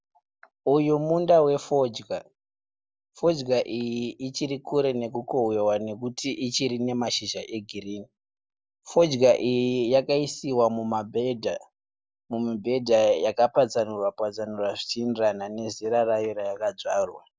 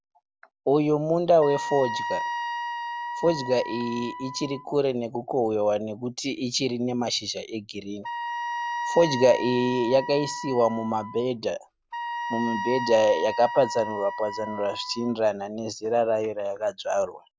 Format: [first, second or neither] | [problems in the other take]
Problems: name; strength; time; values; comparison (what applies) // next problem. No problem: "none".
first | background sound (Wind instrument, woodwind instrument); 7 dB below the speech